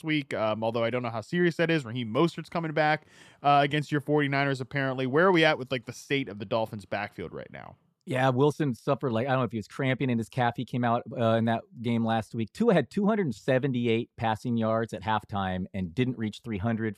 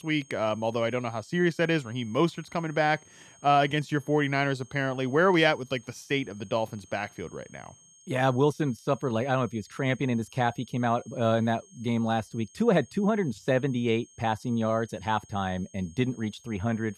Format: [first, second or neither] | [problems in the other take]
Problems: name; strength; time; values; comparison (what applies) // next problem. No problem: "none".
first | high-pitched whine; faint; throughout; 6.5 kHz, 25 dB below the speech